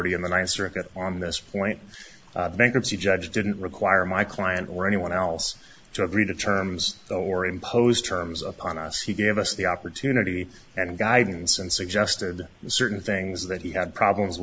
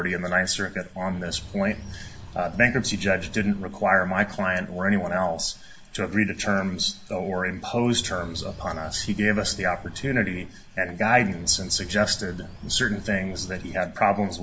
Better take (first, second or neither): first